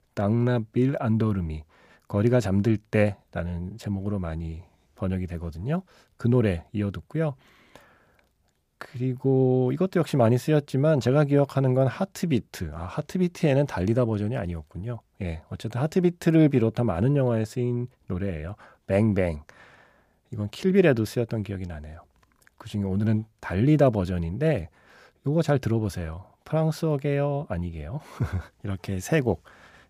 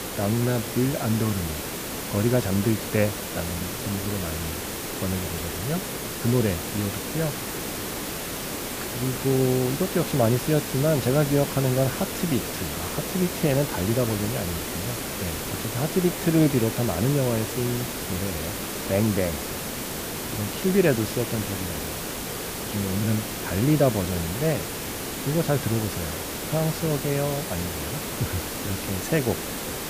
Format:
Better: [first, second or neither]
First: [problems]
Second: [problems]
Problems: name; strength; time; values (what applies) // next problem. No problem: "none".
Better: first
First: none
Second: hiss; loud; throughout; 4 dB below the speech